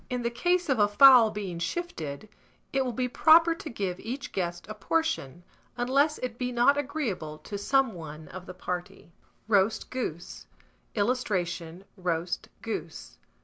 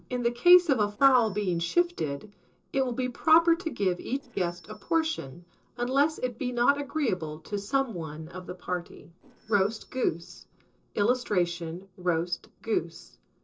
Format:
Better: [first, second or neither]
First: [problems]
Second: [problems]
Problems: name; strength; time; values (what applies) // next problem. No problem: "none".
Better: first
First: none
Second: noise reduction (neural separator model SepFormer DNS4)